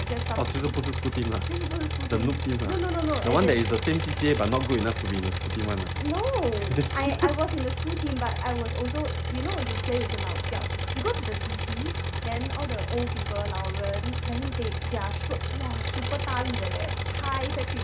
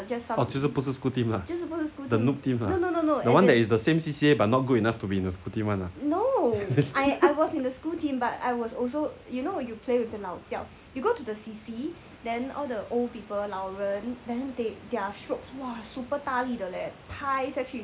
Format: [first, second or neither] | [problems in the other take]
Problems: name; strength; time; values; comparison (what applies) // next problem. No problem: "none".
second | background sound (Engine); as loud as the speech